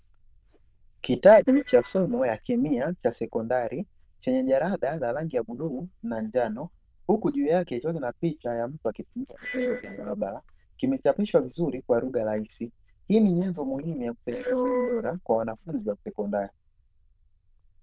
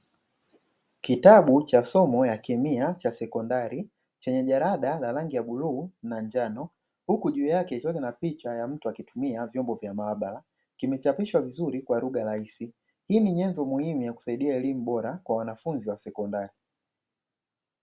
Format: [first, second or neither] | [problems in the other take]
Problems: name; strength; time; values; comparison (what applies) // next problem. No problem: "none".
second | noise reduction (neural diffusion model UNIVERSE++)